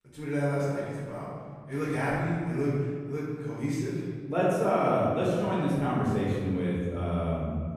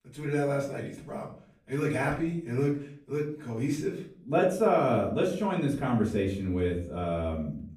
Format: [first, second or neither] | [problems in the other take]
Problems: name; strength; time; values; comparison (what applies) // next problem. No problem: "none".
second | room echo; strong; dies away in 1.9 s; slight in the second // off-mic speech; far; far in the second